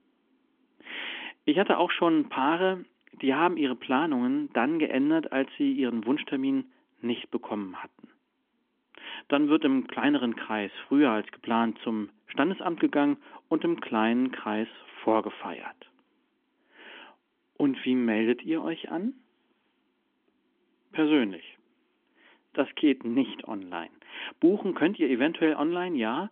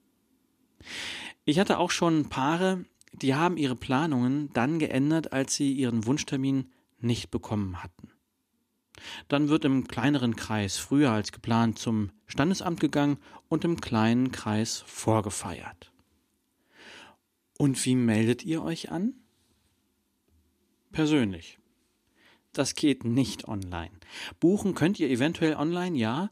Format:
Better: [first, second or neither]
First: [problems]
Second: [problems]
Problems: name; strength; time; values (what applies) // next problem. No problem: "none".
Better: second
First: phone-call audio; nothing above 3.5 kHz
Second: none